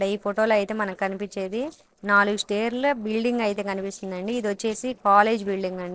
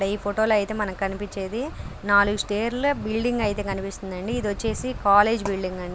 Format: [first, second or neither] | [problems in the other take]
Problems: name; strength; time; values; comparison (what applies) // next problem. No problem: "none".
second | noise reduction (neural separator model SepFormer DNS4)